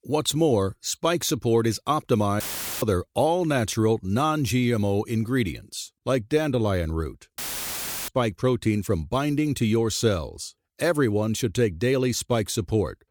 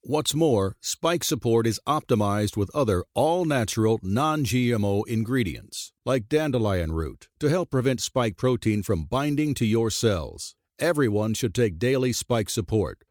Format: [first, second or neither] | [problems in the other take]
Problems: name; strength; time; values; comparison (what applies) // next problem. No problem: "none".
second | audio cutting out; filled with static; at 2.5 s and at 7.5 s for 0.5 s